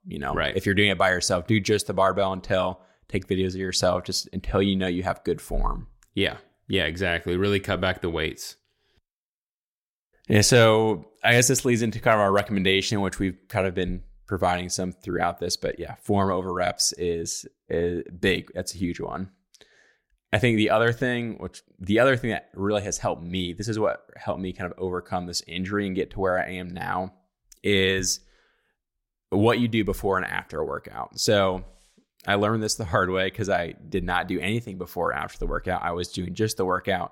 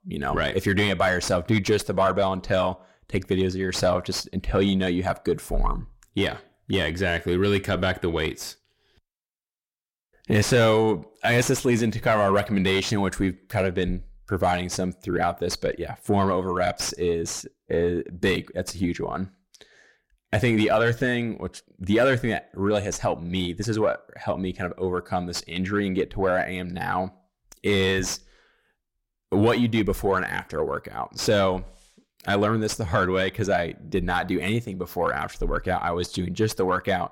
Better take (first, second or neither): first